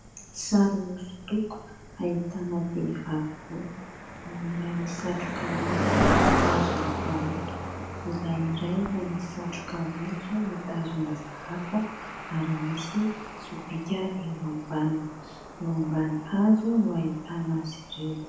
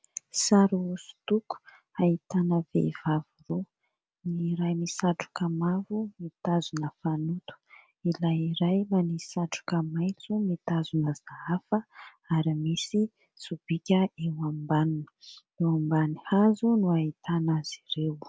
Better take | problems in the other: second | background sound (Cricket); 3 dB below the speech // room echo; dies away in 0.9 s

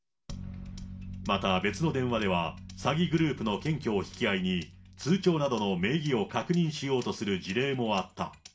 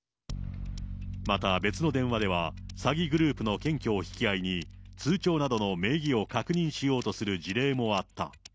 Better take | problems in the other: second | room echo; dies away in 0.3 s

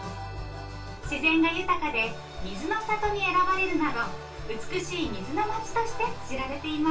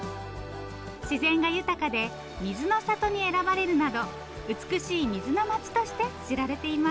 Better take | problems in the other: second | room echo; dies away in 0.2 s

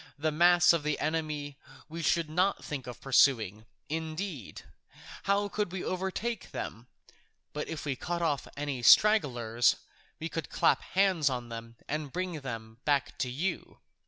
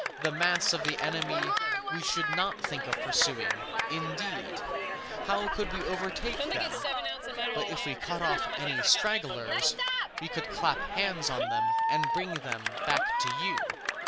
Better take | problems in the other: first | background sound (Cheering); 2 dB above the speech

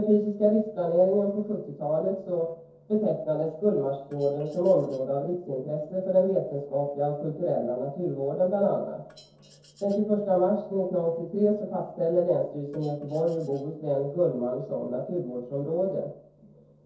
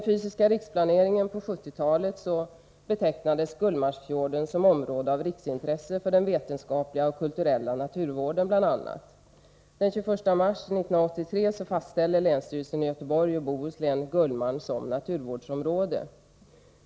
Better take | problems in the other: second | noise reduction (neural separator model SepFormer DNS4)

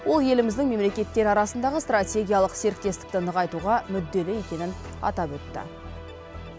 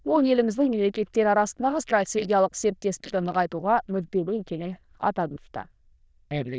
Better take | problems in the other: first | noise reduction (neural diffusion model UNIVERSE++)

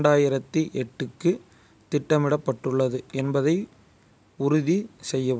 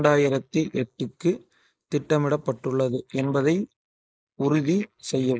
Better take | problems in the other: first | noise reduction (neural mask model Resemble Enhance denoiser)

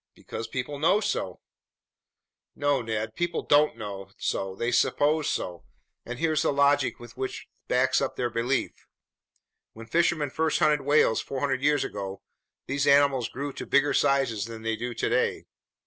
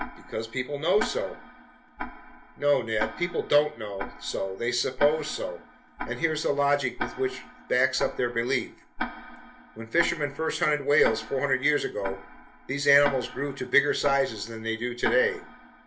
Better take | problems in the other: first | background sound (Tick-tock); 11 dB below the speech // room echo; dies away in 0.3 s

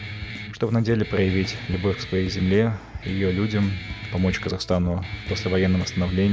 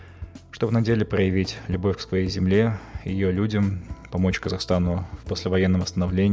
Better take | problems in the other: second | background sound (Guitar); 13 dB below the speech

